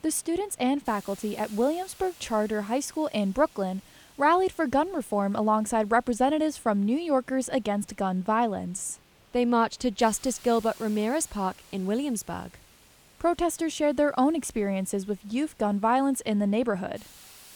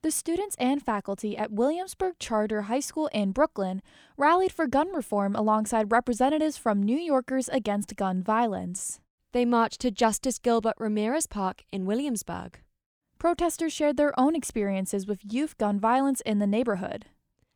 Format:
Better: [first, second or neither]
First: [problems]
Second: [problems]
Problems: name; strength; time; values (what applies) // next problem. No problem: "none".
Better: second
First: hiss; faint; throughout; 25 dB below the speech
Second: none